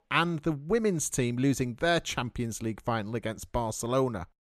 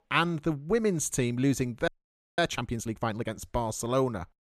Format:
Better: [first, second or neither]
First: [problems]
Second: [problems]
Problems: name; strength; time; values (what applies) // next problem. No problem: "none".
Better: first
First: none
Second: audio freezing; at 2 s for 0.5 s